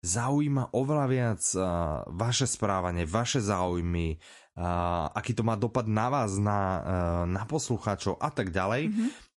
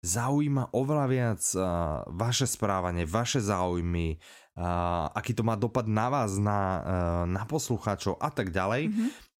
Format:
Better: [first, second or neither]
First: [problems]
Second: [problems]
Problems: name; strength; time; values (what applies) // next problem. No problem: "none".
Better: second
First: garbled, watery; slightly; nothing above 11 kHz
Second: none